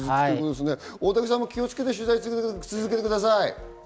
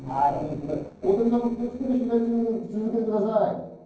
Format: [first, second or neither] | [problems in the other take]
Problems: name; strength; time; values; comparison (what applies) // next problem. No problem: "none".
first | noise reduction (neural separator model SepFormer DNS4)